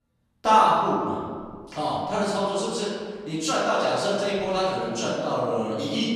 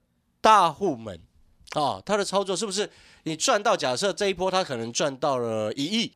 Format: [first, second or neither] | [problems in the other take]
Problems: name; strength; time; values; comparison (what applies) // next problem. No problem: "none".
second | room echo; strong; dies away in 1.7 s // off-mic speech; far